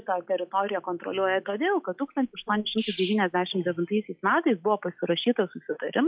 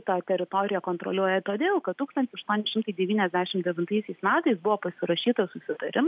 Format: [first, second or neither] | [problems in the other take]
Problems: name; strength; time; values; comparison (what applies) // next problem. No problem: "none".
second | noise reduction (classical method log-MMSE)